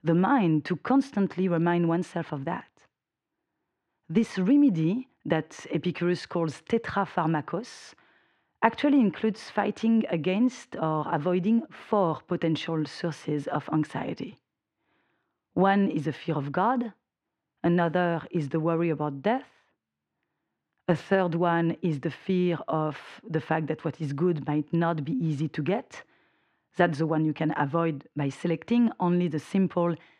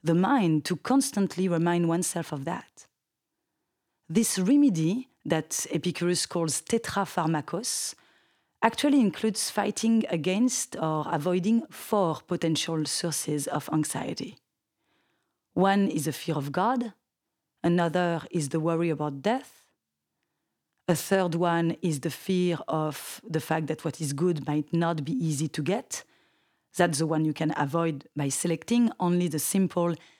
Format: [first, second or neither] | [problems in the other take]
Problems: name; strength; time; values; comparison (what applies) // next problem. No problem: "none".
second | muffled; very; fading above 2 kHz